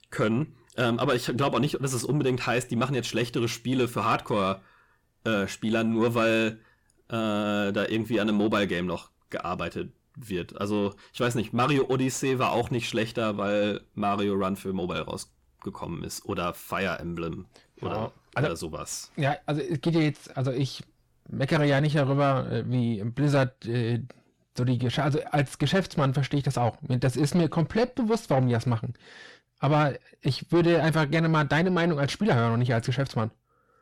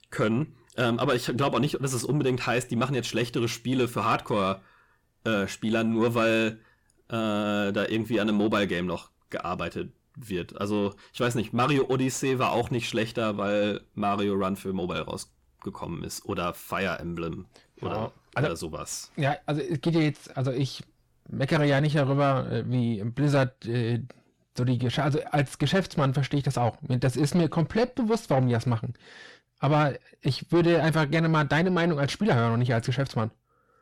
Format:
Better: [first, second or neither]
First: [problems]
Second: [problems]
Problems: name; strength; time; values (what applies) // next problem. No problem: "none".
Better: neither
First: distortion; slight; 10 dB below the speech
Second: distortion; slight; 10 dB below the speech